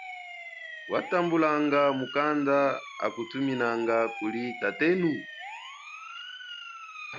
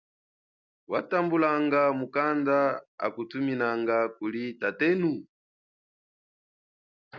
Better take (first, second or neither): second